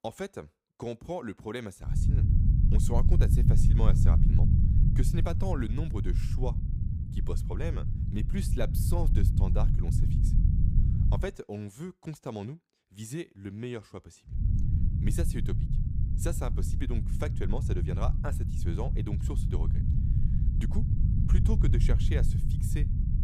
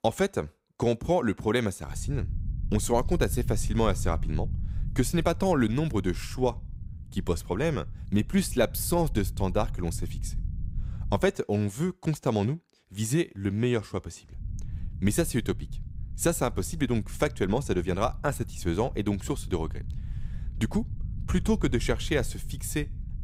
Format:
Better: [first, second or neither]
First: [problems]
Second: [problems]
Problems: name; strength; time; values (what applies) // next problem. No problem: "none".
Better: second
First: low rumble; loud; from 2 to 11 s and from 14 s on; 2 dB below the speech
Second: low rumble; faint; from 2 to 11 s and from 14 s on; 20 dB below the speech